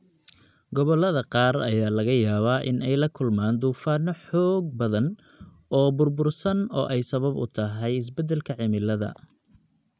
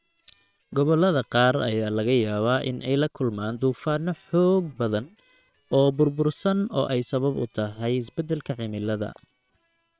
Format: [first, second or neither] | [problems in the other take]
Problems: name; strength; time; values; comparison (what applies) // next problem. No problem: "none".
first | noise reduction (neural separator model SepFormer WHAM!)